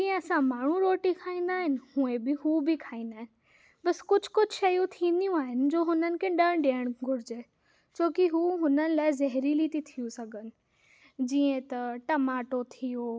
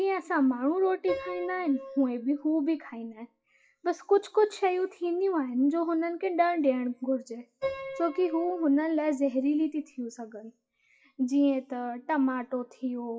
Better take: first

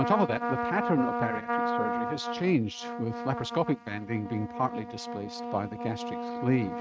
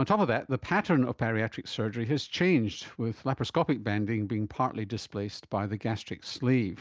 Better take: second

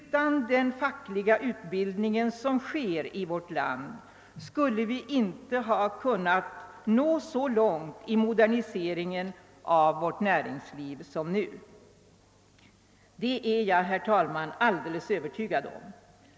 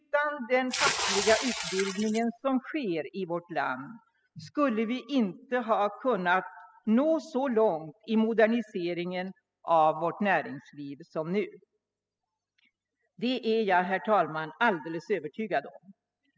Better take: first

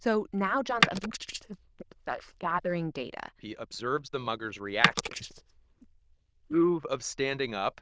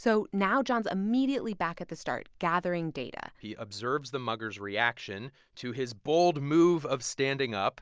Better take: second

